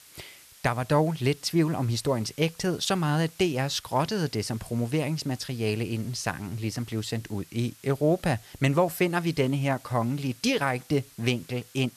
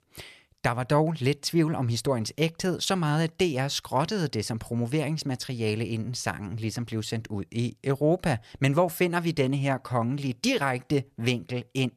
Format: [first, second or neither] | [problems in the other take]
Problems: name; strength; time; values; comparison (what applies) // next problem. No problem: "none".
second | hiss; faint; throughout; 25 dB below the speech